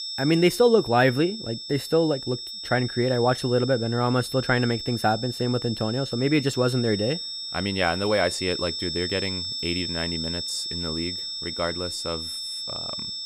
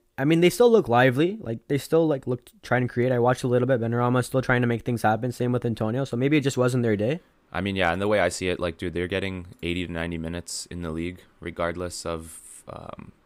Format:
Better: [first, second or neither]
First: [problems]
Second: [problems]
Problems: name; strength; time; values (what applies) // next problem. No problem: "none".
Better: second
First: high-pitched whine; loud; throughout; 5.5 kHz, 6 dB below the speech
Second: none